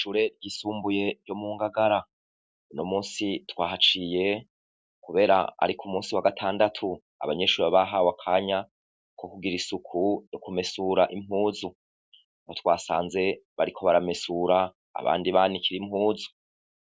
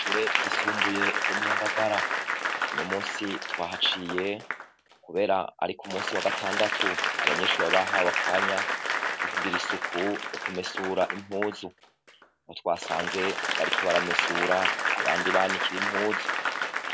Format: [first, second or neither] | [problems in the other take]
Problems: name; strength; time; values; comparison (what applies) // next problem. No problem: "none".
first | background sound (Applause / Crowd); 2 dB above the speech